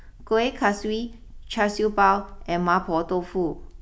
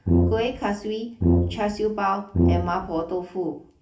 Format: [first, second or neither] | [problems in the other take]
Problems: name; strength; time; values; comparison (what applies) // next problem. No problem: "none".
first | background sound (Brass instrument); 3 dB above the speech // room echo; dies away in 0.3 s